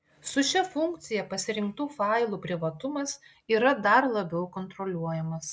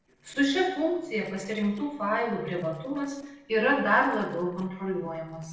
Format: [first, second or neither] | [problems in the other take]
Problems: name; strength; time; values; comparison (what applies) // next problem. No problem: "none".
first | noise reduction (neural separator model SepFormer DNS4)